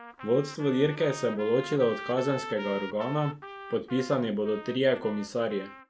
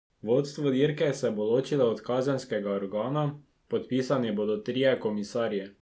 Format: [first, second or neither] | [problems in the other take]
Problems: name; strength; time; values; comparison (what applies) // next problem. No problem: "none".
second | background sound (Trumpet); 14 dB below the speech